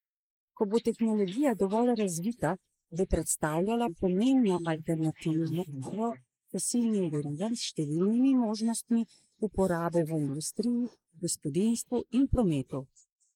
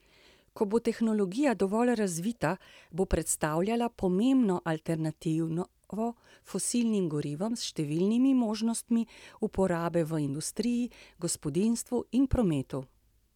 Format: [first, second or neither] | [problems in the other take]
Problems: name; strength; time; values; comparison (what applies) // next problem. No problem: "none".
second | noise reduction (neural mask model Resemble Enhance denoiser)